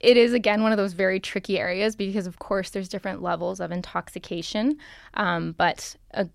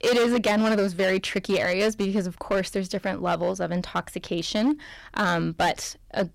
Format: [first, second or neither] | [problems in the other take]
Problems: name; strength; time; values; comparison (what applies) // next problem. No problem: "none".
first | distortion; heavy; 10% of the sound clipped